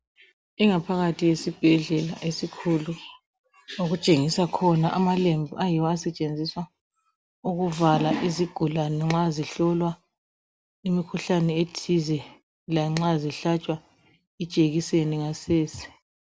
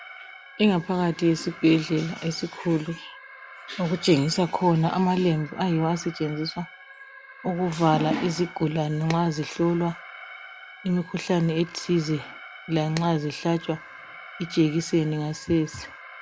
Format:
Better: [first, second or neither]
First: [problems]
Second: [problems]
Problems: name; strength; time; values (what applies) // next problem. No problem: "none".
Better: first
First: none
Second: background sound (Alarm); 18 dB below the speech